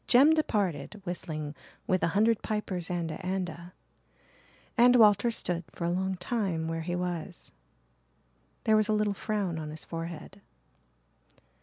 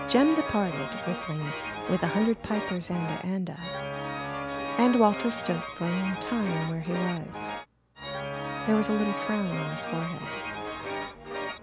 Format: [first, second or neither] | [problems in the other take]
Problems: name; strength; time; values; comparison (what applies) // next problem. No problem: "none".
first | background sound (Organ); 5 dB below the speech